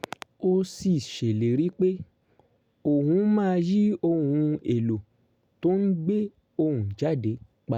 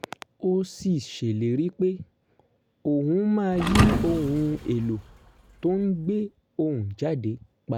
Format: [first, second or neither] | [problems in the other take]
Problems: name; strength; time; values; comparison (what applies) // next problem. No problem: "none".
first | background sound (Thump, thud); 2 dB below the speech